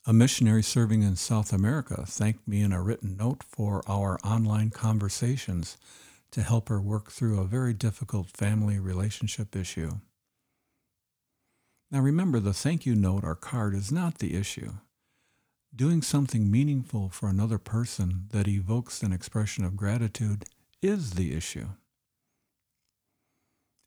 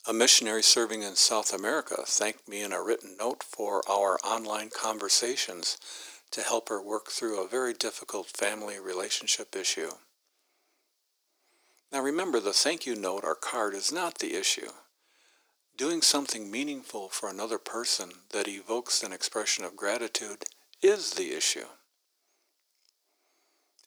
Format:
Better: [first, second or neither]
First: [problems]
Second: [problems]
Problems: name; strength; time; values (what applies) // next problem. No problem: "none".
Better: first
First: none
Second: thin; very; fading below 350 Hz